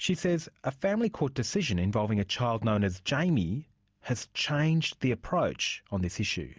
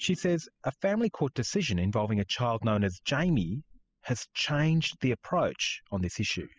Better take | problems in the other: first | noise reduction (classical method spectral subtraction)

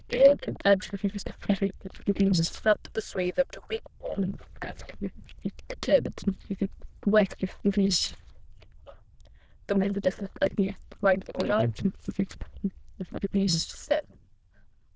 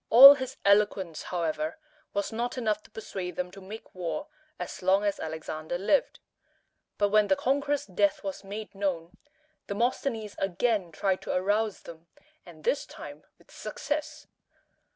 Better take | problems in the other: second | noise reduction (neural diffusion model UNIVERSE++)

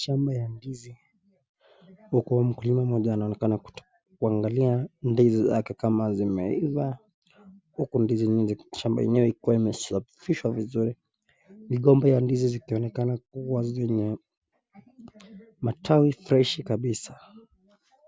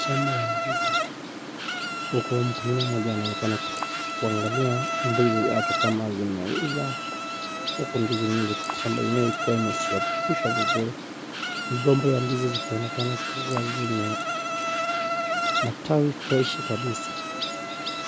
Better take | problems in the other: first | background sound (Insect); 1 dB below the speech

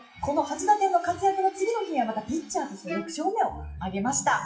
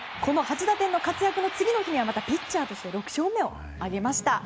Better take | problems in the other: second | noise reduction (classical method WPE with log-MMSE)

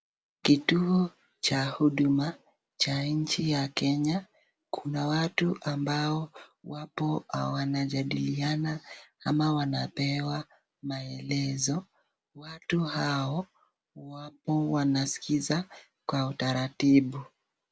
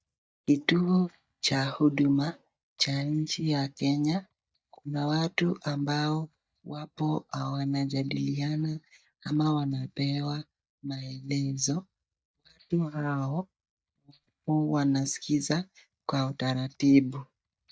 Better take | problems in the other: first | noise reduction (neural mask model DeepFilterNet 3)

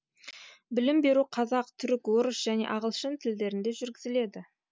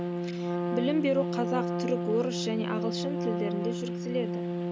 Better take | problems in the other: first | background sound (Trumpet); 1 dB above the speech

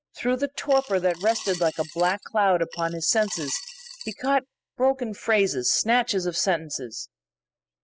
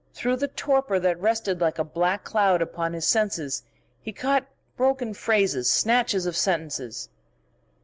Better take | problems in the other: second | noise reduction (classical method spectral subtraction)

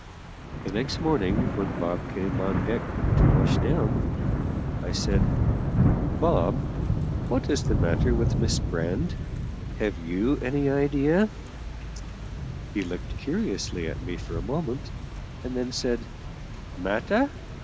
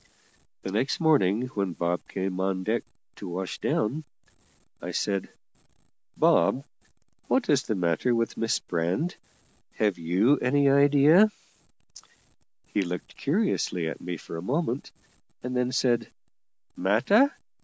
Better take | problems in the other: second | background sound (Thunder / Rain); 2 dB above the speech

